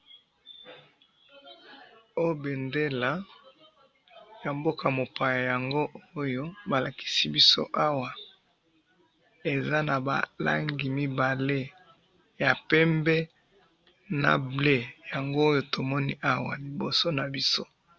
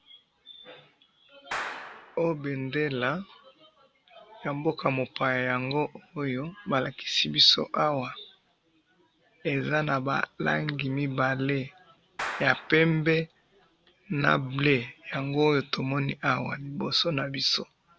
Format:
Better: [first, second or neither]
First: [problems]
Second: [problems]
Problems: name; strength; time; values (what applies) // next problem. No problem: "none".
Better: first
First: none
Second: background sound (Clapping); 12 dB below the speech